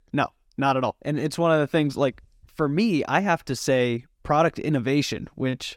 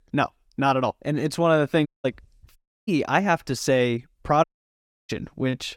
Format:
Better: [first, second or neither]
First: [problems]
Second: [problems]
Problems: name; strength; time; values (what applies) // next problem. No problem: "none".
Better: first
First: none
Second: audio cutting out; at 2 s, at 2.5 s and at 4.5 s for 0.5 s